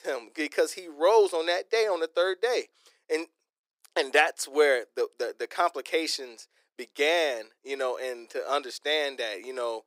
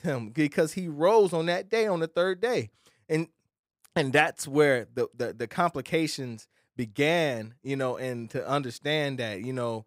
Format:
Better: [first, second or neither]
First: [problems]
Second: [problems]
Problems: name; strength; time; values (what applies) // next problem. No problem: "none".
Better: second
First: thin; very; fading below 350 Hz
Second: none